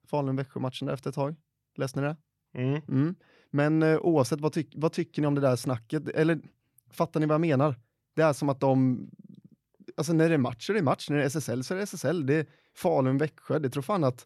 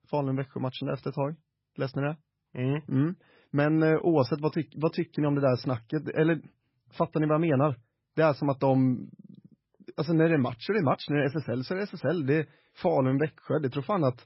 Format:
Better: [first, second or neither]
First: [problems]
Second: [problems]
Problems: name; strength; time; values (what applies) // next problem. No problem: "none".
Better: first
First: none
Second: garbled, watery; badly; nothing above 5.5 kHz